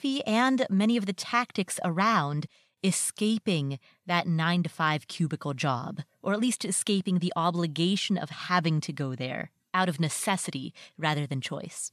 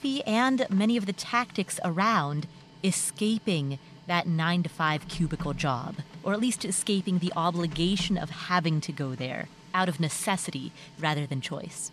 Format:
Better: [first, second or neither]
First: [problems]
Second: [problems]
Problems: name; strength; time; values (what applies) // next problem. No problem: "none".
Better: first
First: none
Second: household noises; noticeable; throughout; 20 dB below the speech